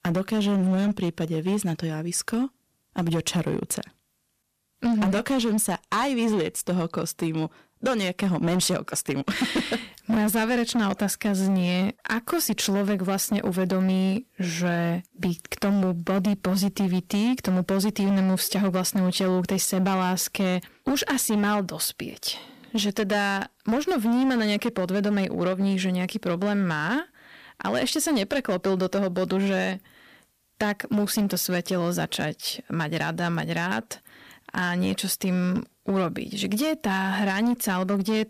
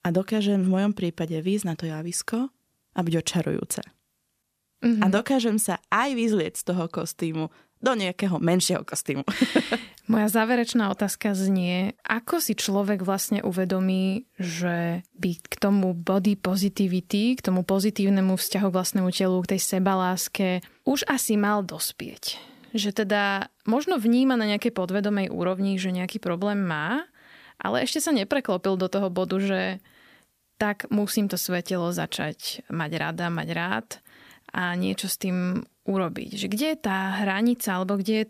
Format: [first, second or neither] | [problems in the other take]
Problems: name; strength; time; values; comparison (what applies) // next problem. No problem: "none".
second | distortion; slight; 13% of the sound clipped